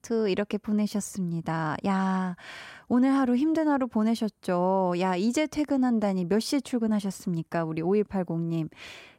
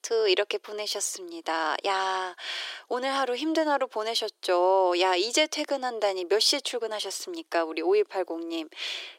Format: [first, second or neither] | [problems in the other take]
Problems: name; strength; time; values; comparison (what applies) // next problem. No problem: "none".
first | thin; very; fading below 350 Hz